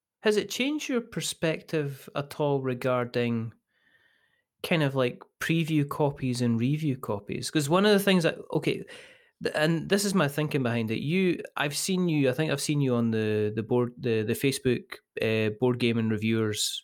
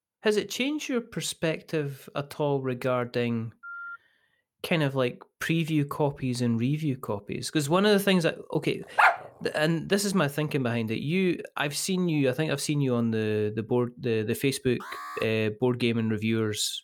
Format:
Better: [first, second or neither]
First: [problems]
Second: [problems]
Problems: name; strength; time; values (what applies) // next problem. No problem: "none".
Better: first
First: none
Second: phone ringing; faint; at 3.5 s; peak 10 dB below the speech // dog barking; loud; at 9 s; peak 6 dB above the speech // alarm; faint; at 15 s; peak 10 dB below the speech